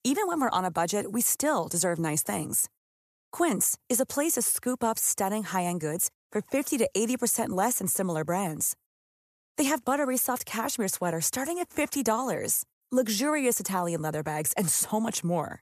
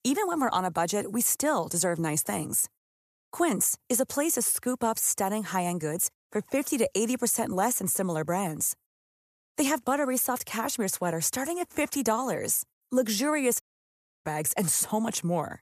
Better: first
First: none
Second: audio cutting out; at 14 s for 0.5 s

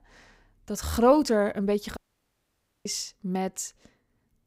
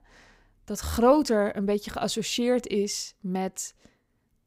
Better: second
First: audio cutting out; at 2 s for 1 s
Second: none

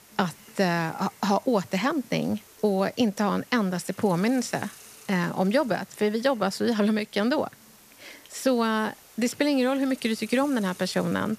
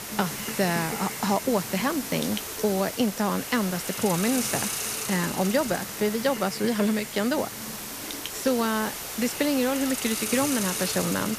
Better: first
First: hiss; faint; throughout; 20 dB below the speech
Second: hiss; loud; throughout; 4 dB below the speech

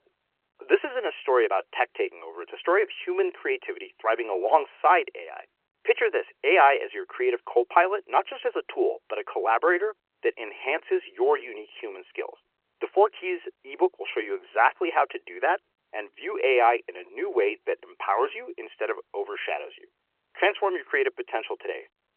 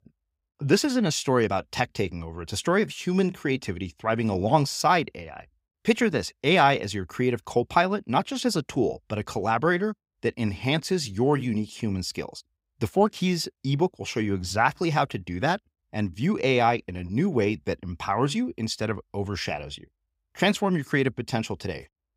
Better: second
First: phone-call audio; nothing above 2.5 kHz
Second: none

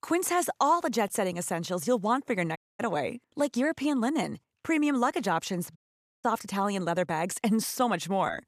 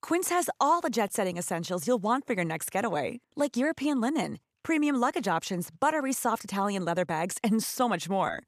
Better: second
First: audio cutting out; at 2.5 s and at 6 s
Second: none

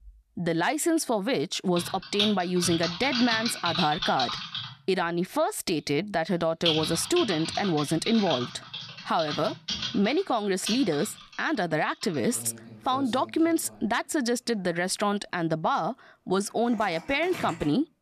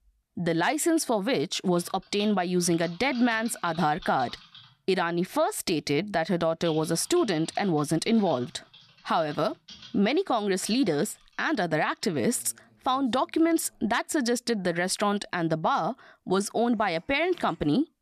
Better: second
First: household noises; loud; throughout; 5 dB below the speech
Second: household noises; faint; throughout; 20 dB below the speech

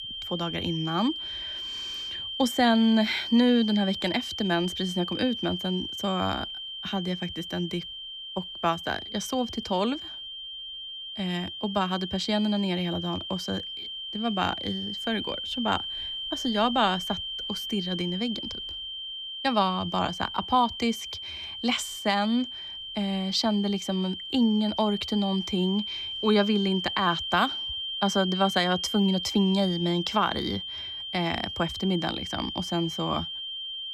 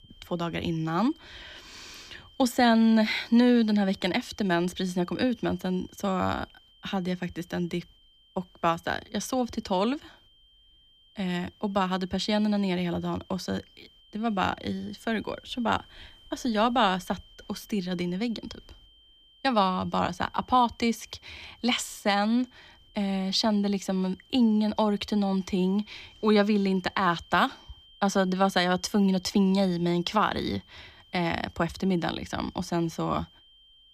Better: second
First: high-pitched whine; loud; throughout; 3 kHz, 5 dB below the speech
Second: high-pitched whine; faint; throughout; 3 kHz, 30 dB below the speech

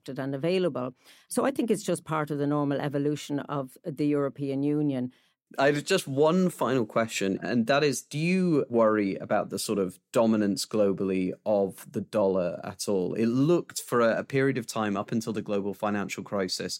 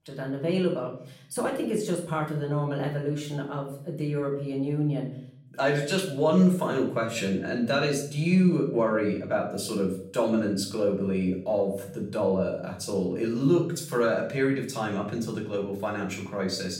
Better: first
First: none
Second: room echo; slight; dies away in 0.6 s // off-mic speech; far

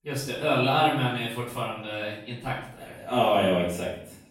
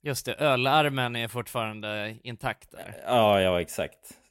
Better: second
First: room echo; noticeable; dies away in 0.6 s // off-mic speech; far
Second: none

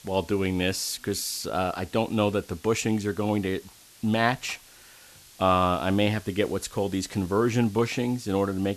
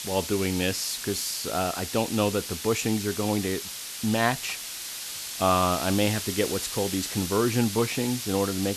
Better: first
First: hiss; faint; throughout; 25 dB below the speech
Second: hiss; loud; throughout; 6 dB below the speech

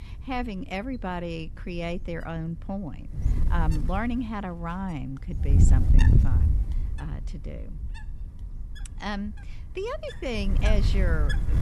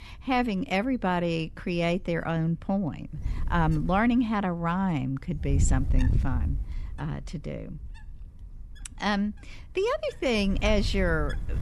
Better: second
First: wind noise on the microphone; heavy; 5 dB below the speech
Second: wind noise on the microphone; occasional gusts; 20 dB below the speech

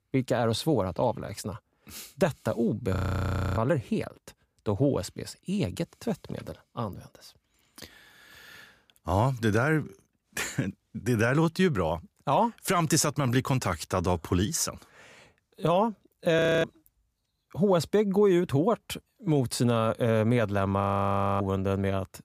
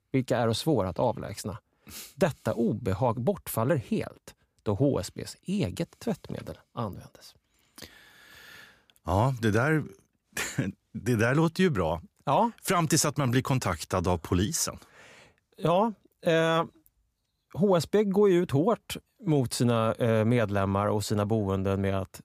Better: second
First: audio freezing; at 3 s for 0.5 s, at 16 s and at 21 s for 0.5 s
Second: none

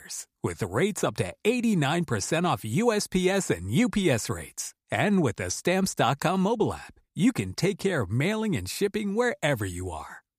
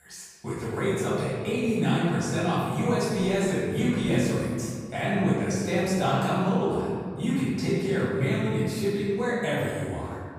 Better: first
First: none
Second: room echo; strong; dies away in 2 s // off-mic speech; far

